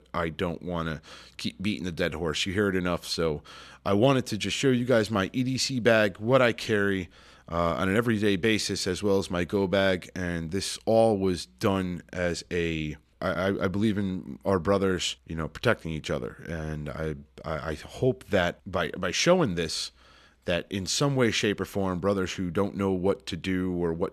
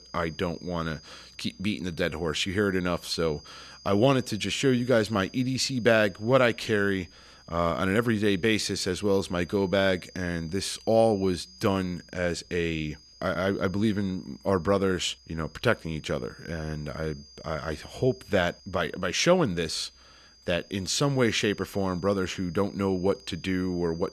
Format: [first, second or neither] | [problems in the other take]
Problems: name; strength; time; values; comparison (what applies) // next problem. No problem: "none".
first | high-pitched whine; faint; throughout; 5 kHz, 25 dB below the speech